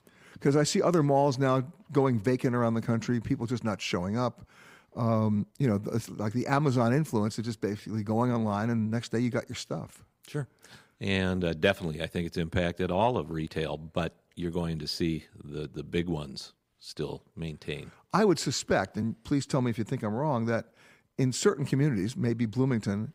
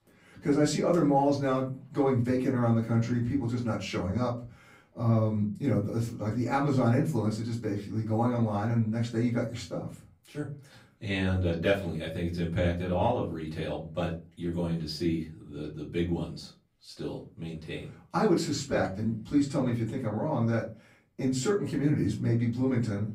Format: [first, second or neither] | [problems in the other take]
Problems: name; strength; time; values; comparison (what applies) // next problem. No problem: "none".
first | off-mic speech; far // room echo; slight; dies away in 0.3 s